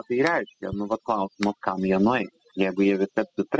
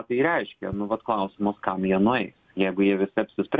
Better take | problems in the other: second | noise reduction (classical method spectral subtraction)

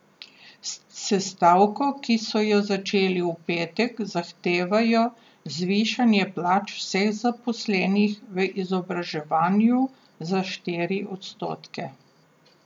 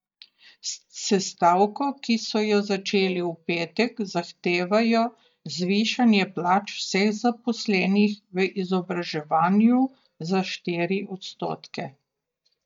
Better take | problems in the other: first | noise reduction (neural mask model DeepFilterNet 3)

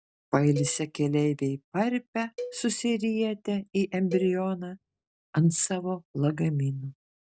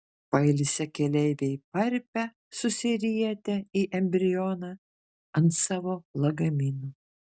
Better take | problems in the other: second | background sound (Cowbell); 16 dB below the speech

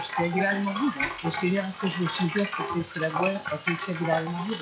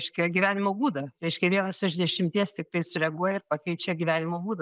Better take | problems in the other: second | noise reduction (classical method log-MMSE)

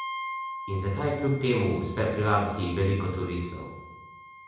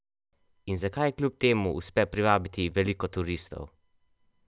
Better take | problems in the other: second | background sound (Wind instrument, woodwind instrument); 12 dB below the speech // room echo; dies away in 0.9 s

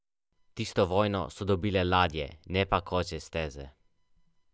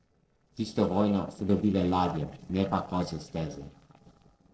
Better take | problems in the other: first | noise reduction (neural separator model SepFormer DNS4)

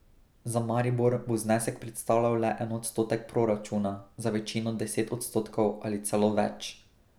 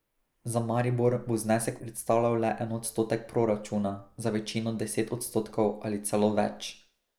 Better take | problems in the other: first | noise reduction (neural mask model Resemble Enhance denoiser)

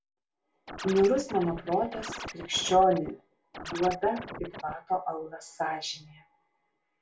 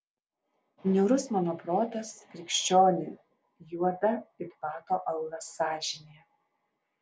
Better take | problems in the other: second | background sound (Scratching (performance technique)); 11 dB below the speech // room echo; dies away in 0.2 s

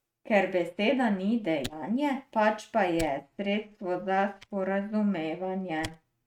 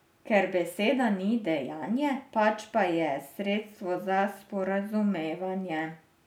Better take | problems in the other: second | noise reduction (neural mask model RNNoise)

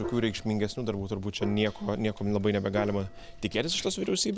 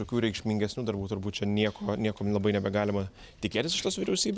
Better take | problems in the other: second | background sound (Gong); 12 dB below the speech

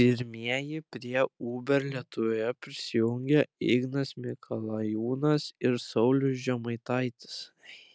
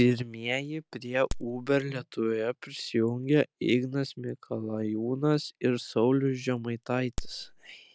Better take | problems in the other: first | background sound (Crack); 11 dB below the speech

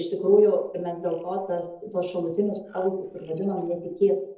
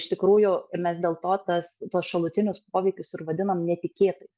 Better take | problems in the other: second | noise reduction (neural separator model SepFormer DNS4)

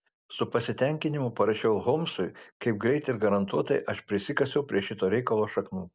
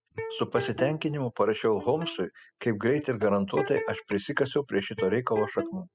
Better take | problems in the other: first | noise reduction (classical method spectral subtraction)

